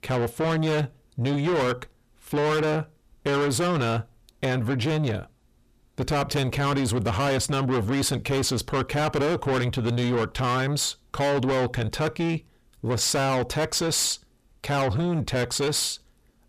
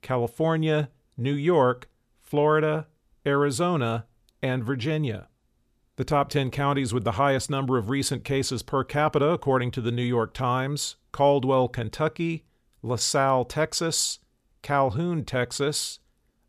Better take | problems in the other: second | distortion; heavy; 6 dB below the speech

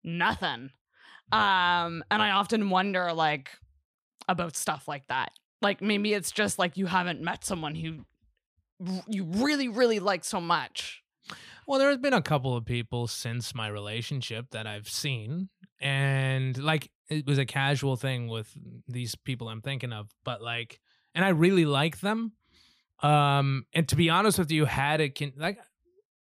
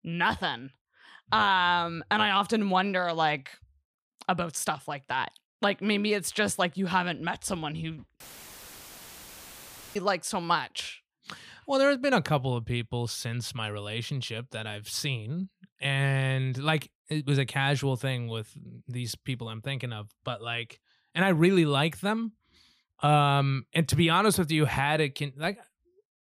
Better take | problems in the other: first | audio cutting out; filled with static; at 8 s for 2 s

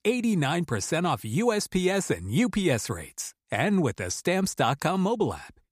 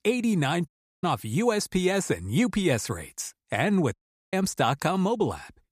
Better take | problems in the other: first | audio cutting out; at 0.5 s and at 4 s

